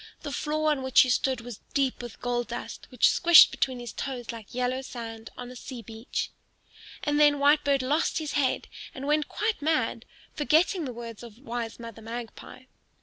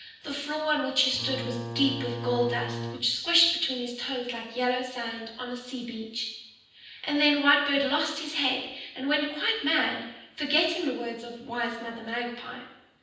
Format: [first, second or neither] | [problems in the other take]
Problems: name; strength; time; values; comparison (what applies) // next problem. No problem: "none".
first | background sound (Bowed string instrument); 7 dB below the speech // room echo; dies away in 0.9 s